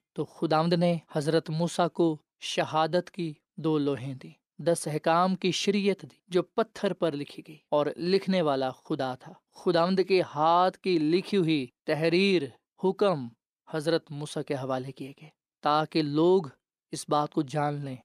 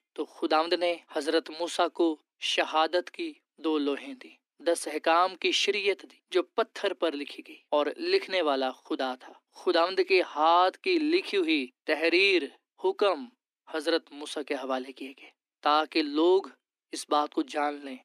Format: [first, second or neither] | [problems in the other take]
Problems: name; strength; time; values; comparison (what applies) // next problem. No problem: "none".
first | thin; somewhat; fading below 250 Hz